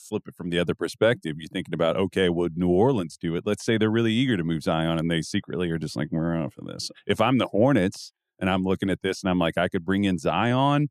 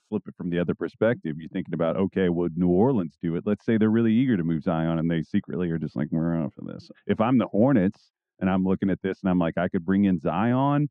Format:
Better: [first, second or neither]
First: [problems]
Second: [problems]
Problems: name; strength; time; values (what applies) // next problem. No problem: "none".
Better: first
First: none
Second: muffled; very; fading above 2 kHz